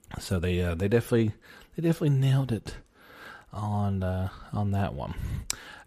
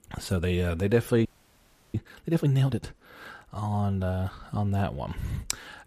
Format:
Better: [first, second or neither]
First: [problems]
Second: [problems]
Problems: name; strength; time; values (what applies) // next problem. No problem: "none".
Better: first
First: none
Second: audio freezing; at 1.5 s for 0.5 s